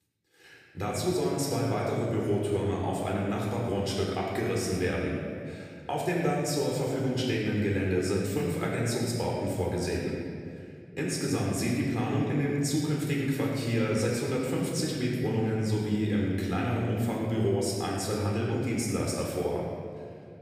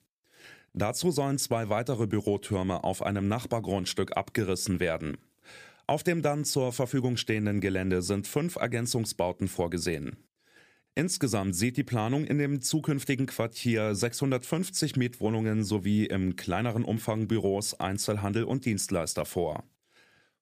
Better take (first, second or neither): second